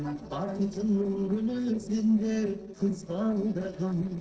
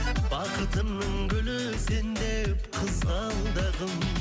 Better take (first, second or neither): second